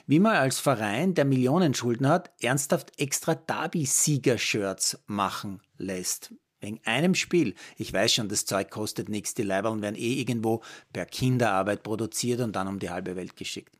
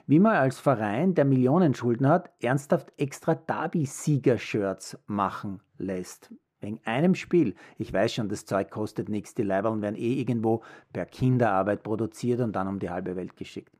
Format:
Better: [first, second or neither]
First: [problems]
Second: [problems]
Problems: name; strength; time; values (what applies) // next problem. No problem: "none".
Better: first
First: none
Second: muffled; very; fading above 2.5 kHz